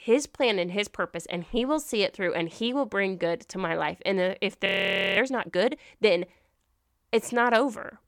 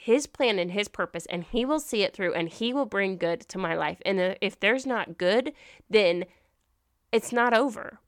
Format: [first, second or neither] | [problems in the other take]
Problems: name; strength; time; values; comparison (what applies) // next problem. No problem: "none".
second | audio freezing; at 4.5 s for 0.5 s